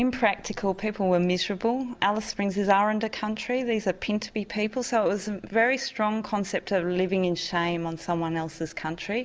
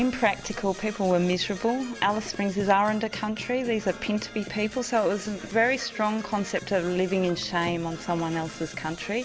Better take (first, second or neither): first